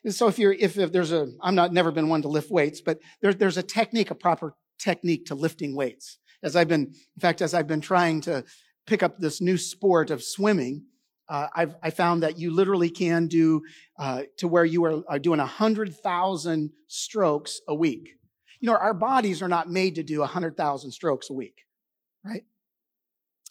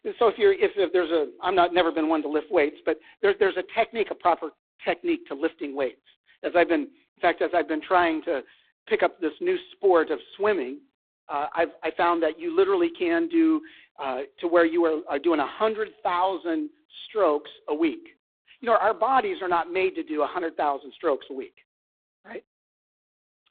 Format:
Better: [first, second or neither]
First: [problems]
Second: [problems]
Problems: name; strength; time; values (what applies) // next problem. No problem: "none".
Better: first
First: none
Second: phone-call audio; poor line; nothing above 3.5 kHz